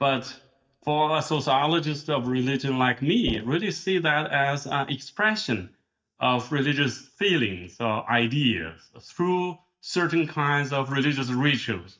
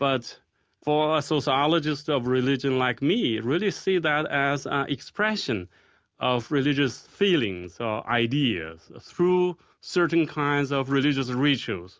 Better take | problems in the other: second | noise reduction (neural mask model DeepFilterNet 3)

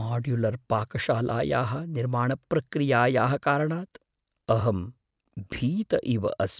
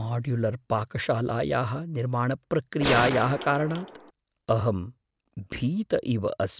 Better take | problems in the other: first | background sound (Gunshot, gunfire); 4 dB below the speech

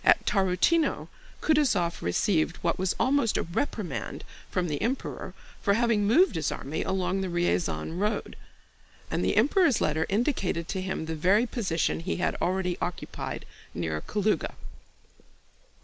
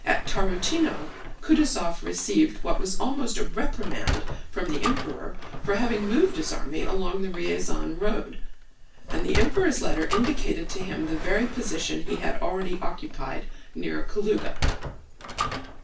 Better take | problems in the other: first | background sound (Sliding door); 11 dB below the speech // room echo; dies away in 0.3 s

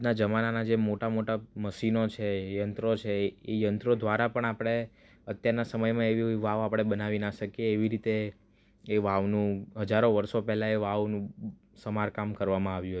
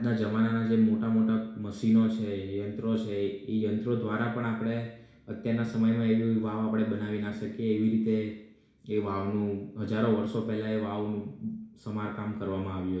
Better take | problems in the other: first | room echo; dies away in 0.7 s

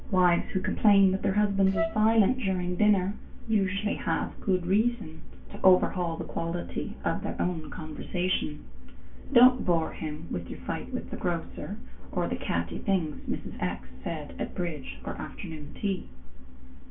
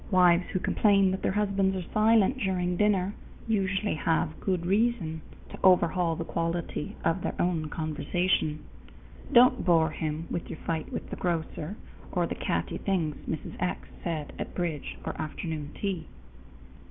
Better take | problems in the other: second | background sound (Wind instrument, woodwind instrument); 7 dB below the speech // room echo; dies away in 0.2 s

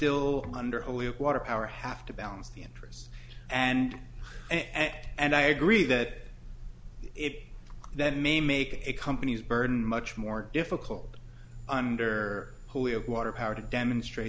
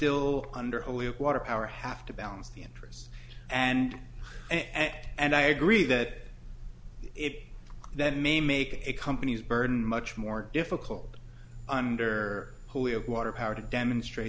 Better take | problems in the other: second | background sound (Bowed string instrument); 17 dB below the speech

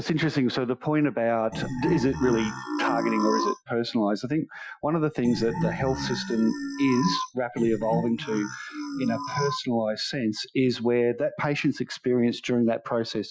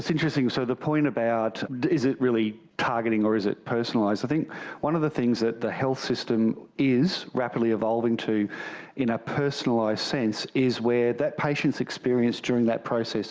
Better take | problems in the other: second | noise reduction (classical method Wiener filter)

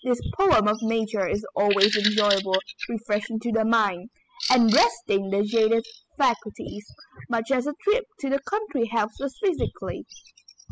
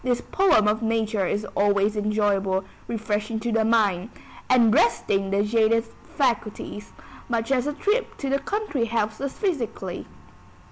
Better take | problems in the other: second | noise reduction (classical method spectral subtraction)

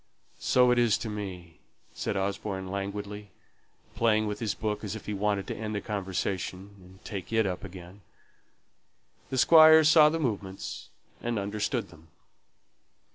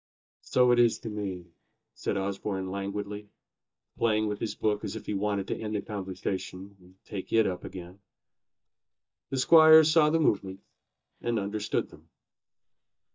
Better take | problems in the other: first | noise reduction (neural mask model DeepFilterNet 3)

